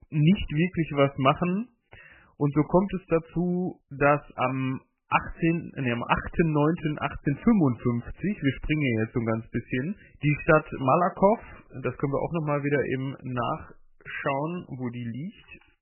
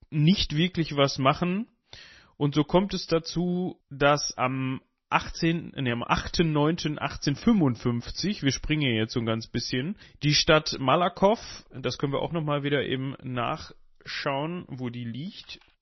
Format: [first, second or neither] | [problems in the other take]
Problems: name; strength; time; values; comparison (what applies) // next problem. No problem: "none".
second | garbled, watery; badly; nothing above 3 kHz; slightly in the second